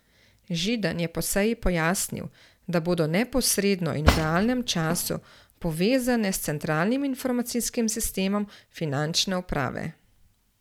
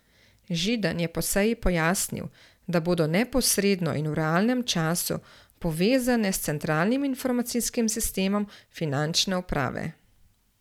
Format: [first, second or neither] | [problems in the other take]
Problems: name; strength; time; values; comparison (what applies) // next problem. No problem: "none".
second | background sound (Cutlery, silverware / Drawer open or close); as loud as the speech